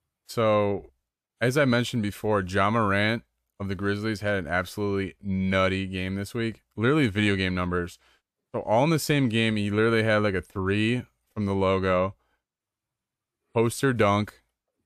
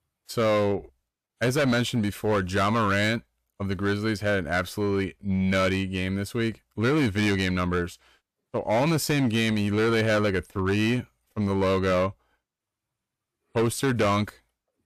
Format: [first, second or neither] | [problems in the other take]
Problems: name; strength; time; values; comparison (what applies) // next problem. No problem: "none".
first | distortion; slight; 9% of the sound clipped